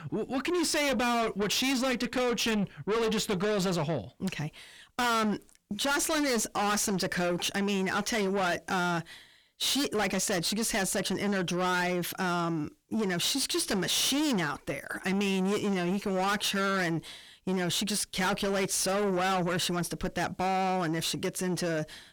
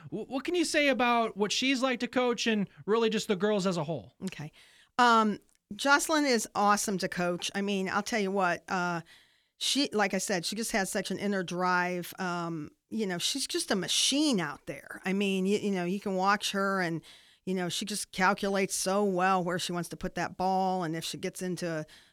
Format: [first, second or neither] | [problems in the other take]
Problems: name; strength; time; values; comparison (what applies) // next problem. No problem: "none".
second | distortion; heavy; 6 dB below the speech